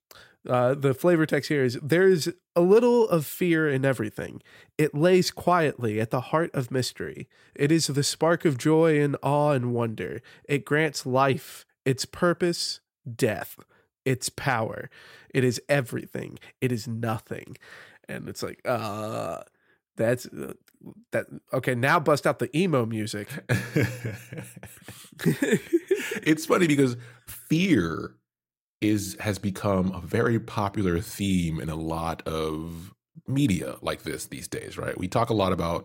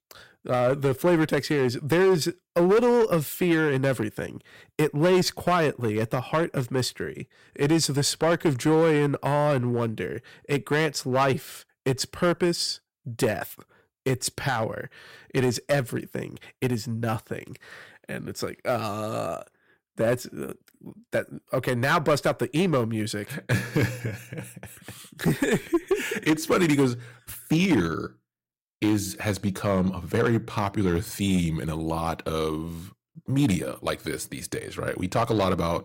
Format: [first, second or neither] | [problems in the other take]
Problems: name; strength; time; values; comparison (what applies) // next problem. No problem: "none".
first | distortion; slight; 4% of the sound clipped